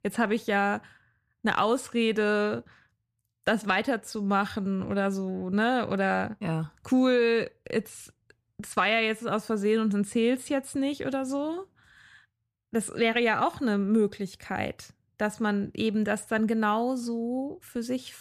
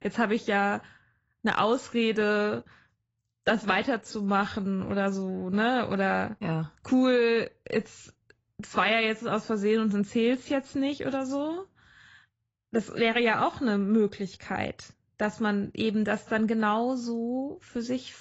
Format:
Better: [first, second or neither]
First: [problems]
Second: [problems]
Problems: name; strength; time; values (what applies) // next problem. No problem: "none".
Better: first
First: none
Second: garbled, watery; badly; nothing above 7.5 kHz